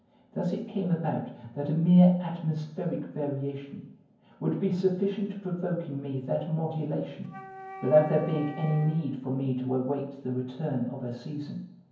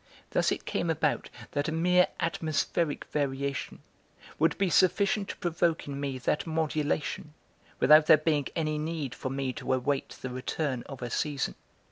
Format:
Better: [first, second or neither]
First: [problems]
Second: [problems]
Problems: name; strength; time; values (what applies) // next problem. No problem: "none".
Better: second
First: background sound (Wind instrument, woodwind instrument); 16 dB below the speech // room echo; dies away in 0.9 s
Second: none